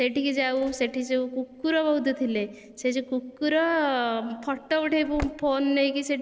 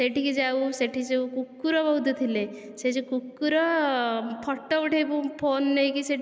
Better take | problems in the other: second | noise reduction (neural separator model SepFormer DNS4)

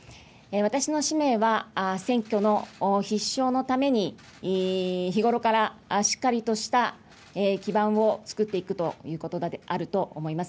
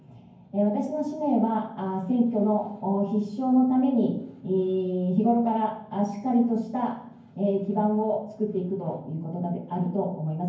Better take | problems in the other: first | room echo; dies away in 0.9 s

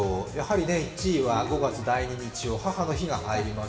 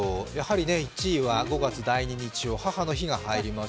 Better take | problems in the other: second | room echo; dies away in 1.1 s

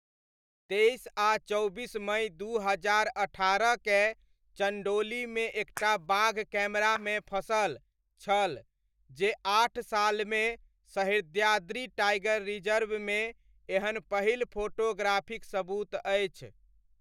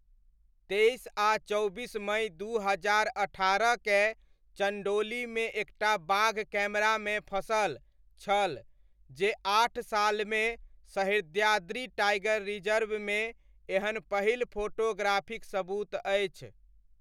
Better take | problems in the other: second | noise reduction (neural mask model DeepFilterNet 3)

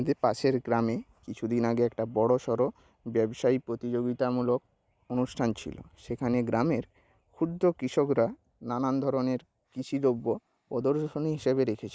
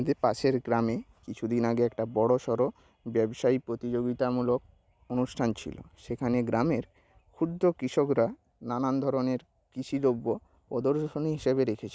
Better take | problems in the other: second | noise reduction (neural mask model Resemble Enhance denoiser)

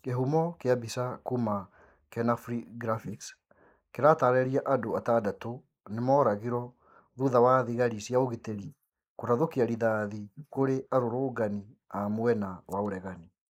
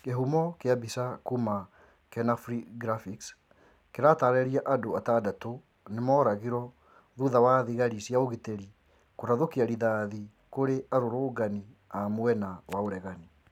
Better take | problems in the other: second | noise reduction (neural mask model Resemble Enhance denoiser)

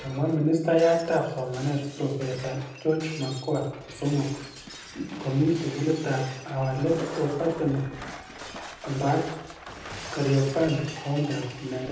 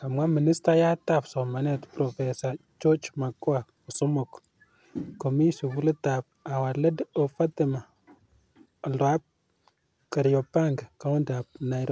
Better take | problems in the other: second | background sound (Shatter); 14 dB below the speech // room echo; dies away in 0.8 s

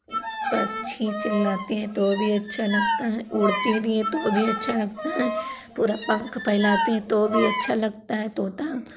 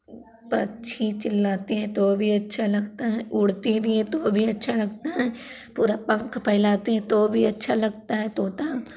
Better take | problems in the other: second | background sound (Bowed string instrument); 4 dB below the speech

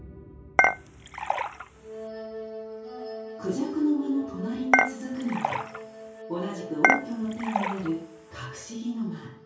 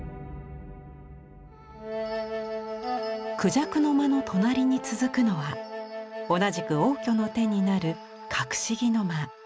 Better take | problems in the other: second | background sound (Dishes, pots, and pans / Chink, clink); 5 dB above the speech // room echo; dies away in 0.6 s

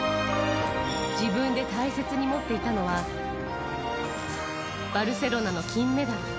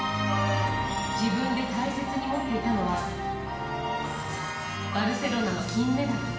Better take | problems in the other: first | room echo; dies away in 1 s

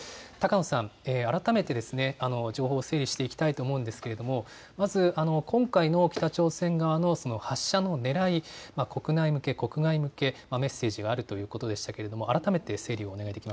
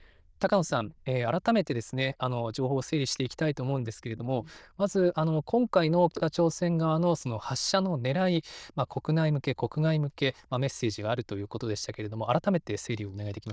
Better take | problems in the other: first | noise reduction (neural diffusion model UNIVERSE++)

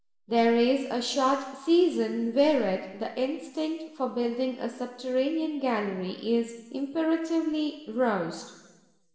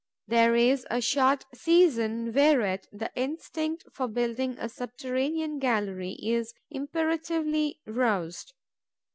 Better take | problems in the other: second | room echo; dies away in 1.2 s

